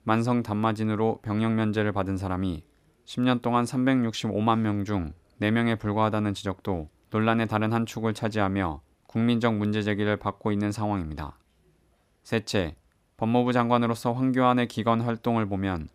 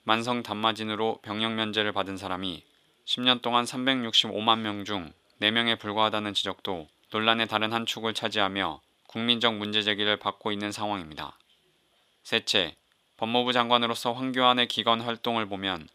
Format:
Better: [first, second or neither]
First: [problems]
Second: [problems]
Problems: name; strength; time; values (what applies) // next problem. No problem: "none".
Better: first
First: none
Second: thin; somewhat; fading below 1 kHz